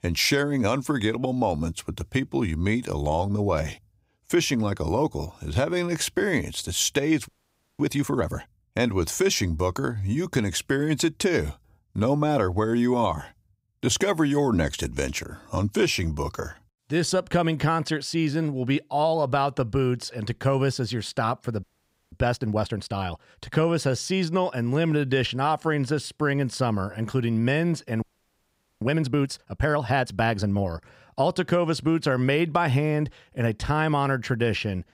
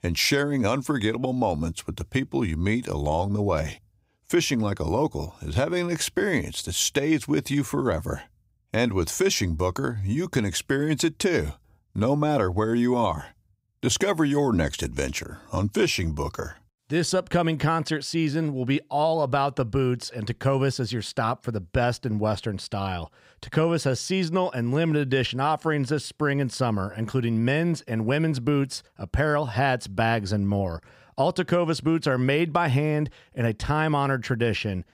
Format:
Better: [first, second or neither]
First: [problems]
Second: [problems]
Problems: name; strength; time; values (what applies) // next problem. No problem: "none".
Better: second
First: audio freezing; at 7.5 s for 0.5 s, at 22 s and at 28 s for 1 s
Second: none